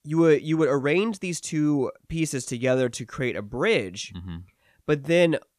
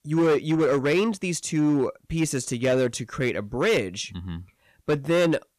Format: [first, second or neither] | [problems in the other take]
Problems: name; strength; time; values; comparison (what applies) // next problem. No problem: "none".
first | distortion; slight; 8% of the sound clipped